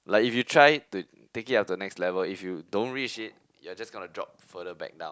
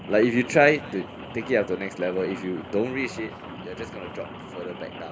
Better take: first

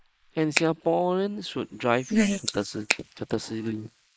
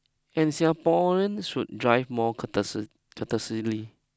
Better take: second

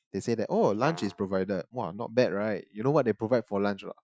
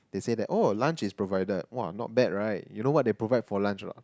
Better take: second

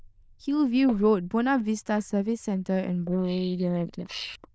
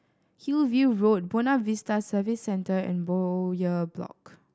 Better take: second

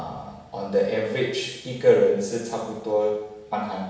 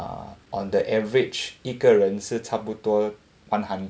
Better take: second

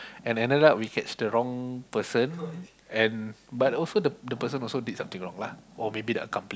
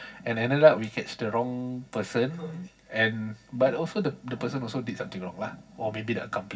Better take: first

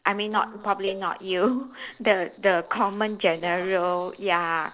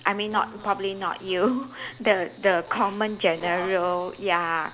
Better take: second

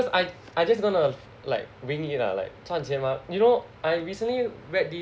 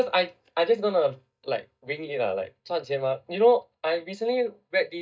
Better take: first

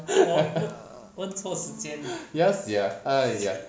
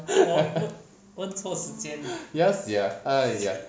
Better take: second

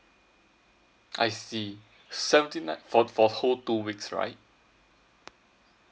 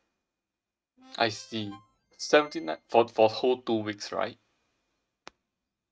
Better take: first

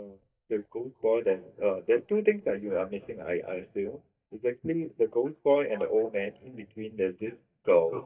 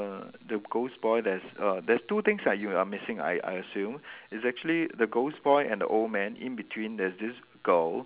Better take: second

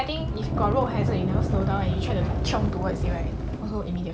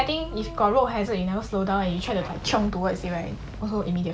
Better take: second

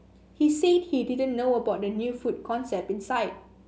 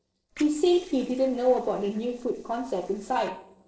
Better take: first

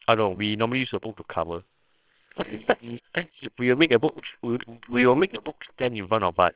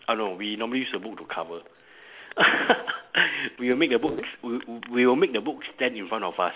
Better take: second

